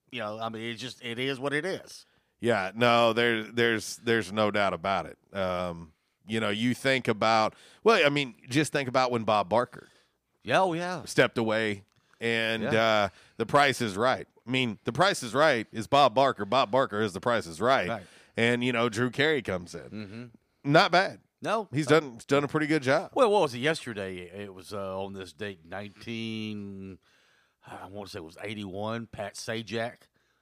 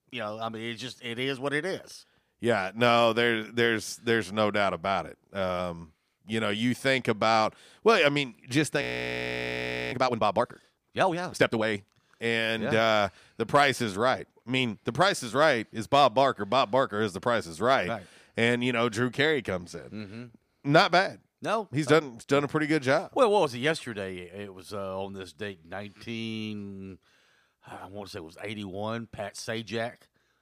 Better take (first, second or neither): first